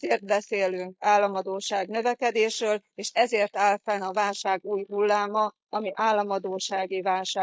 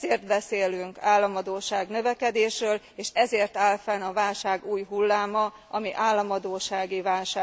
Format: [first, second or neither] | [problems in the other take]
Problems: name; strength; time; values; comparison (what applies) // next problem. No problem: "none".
second | noise reduction (neural mask model Resemble Enhance denoiser)